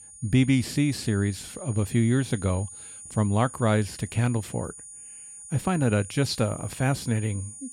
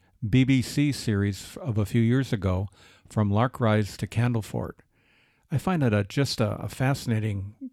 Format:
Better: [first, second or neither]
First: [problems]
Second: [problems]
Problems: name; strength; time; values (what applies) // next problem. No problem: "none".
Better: second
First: high-pitched whine; noticeable; throughout; 9.5 kHz, 15 dB below the speech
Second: none